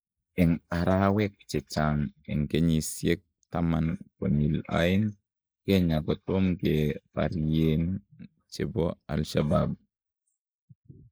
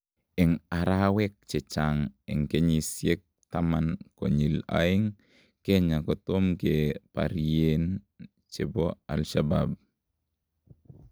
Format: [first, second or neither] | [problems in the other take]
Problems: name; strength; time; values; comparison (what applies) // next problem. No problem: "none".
second | noise reduction (neural mask model Resemble Enhance denoiser)